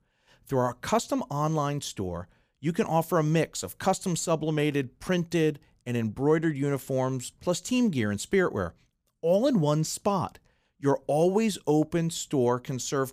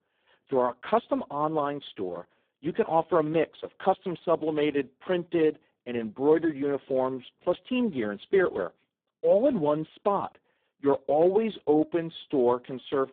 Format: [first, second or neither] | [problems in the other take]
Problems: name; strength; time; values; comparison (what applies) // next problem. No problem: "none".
first | phone-call audio; poor line; nothing above 3.5 kHz